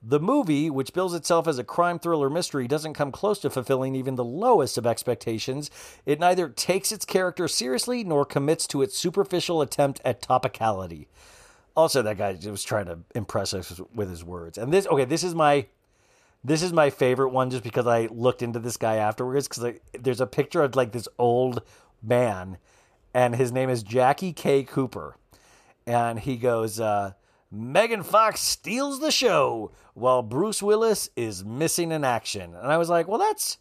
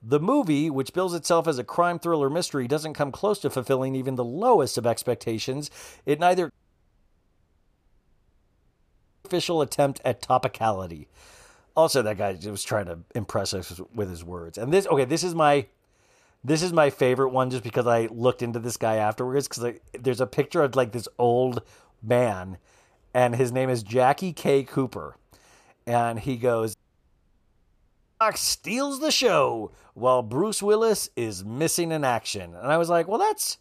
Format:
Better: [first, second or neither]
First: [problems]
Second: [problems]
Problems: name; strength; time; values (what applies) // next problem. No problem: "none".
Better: first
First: none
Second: audio cutting out; at 6.5 s for 2.5 s and at 27 s for 1.5 s